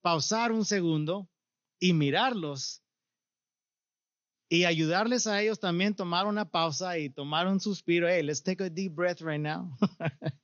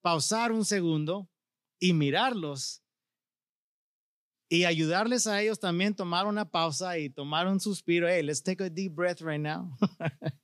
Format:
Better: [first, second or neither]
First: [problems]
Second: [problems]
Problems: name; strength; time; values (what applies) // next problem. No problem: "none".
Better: second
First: garbled, watery; slightly; nothing above 6.5 kHz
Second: none